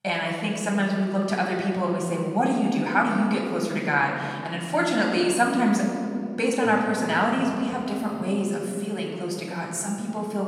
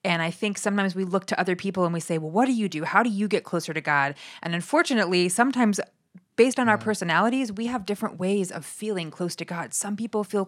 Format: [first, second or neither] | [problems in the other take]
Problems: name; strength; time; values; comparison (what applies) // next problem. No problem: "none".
second | off-mic speech; somewhat distant // room echo; noticeable; dies away in 2.1 s